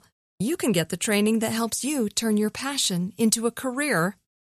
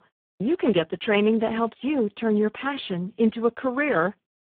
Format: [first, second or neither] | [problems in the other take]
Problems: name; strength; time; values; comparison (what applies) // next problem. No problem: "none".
first | phone-call audio; poor line